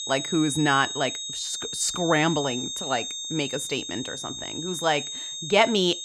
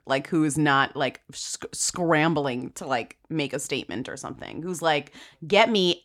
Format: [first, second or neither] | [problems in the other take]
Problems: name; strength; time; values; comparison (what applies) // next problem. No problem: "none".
second | high-pitched whine; loud; throughout; 3.5 kHz, 5 dB below the speech